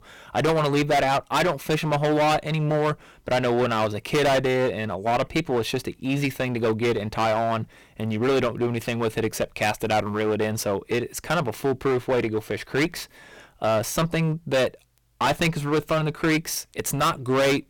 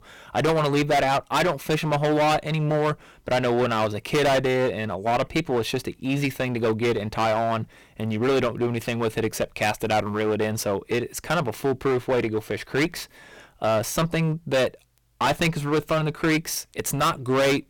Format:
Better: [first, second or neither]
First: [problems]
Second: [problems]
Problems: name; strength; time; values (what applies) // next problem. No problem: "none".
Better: neither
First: distortion; heavy; 17% of the sound clipped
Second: distortion; heavy; 17% of the sound clipped